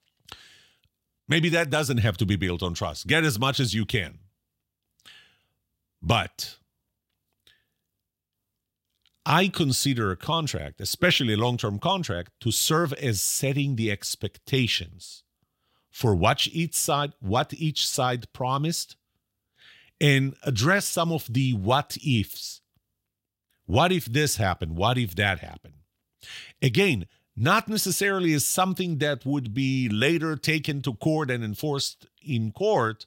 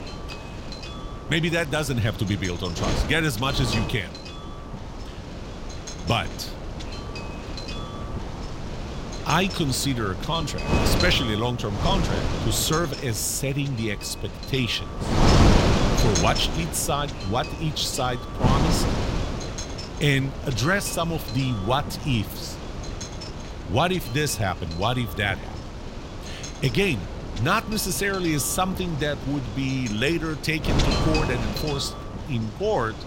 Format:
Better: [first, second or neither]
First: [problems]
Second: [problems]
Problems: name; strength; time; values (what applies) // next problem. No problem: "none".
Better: first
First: none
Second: wind noise on the microphone; heavy; 5 dB below the speech